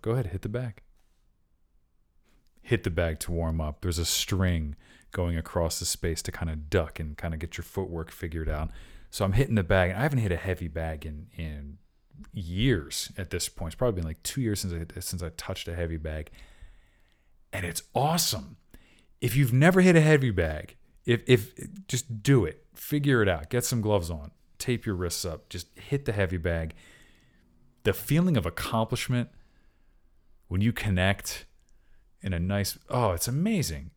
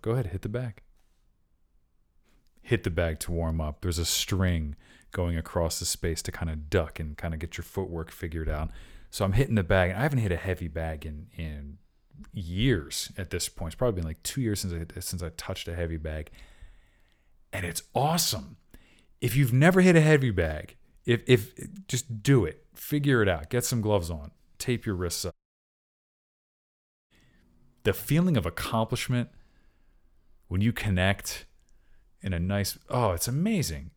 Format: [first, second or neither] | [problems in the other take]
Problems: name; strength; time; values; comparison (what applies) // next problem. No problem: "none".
first | audio cutting out; at 25 s for 2 s